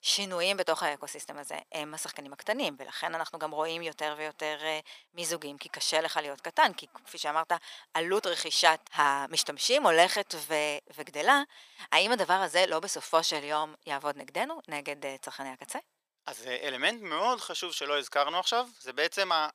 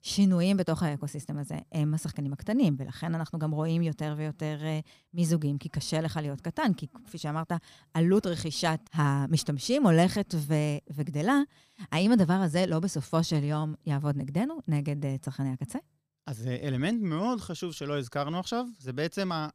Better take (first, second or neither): second